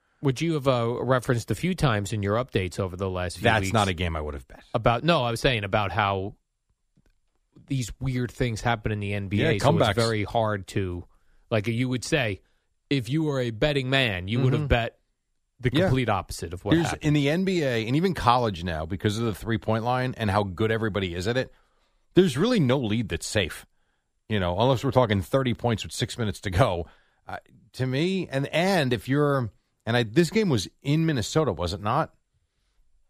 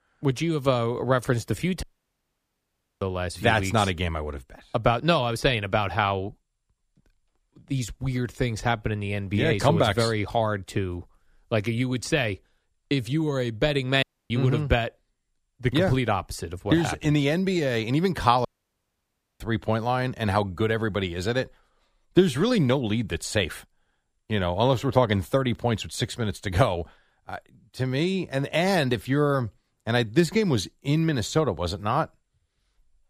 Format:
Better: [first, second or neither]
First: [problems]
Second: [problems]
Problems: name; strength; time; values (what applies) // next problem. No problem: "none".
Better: first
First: none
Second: audio cutting out; at 2 s for 1 s, at 14 s and at 18 s for 1 s